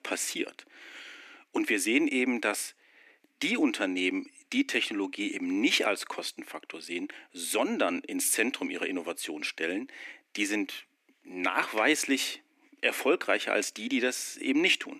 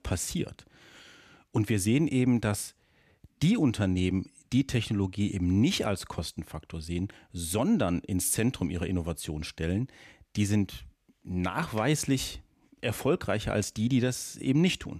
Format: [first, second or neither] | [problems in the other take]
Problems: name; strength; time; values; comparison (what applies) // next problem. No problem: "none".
second | thin; somewhat; fading below 300 Hz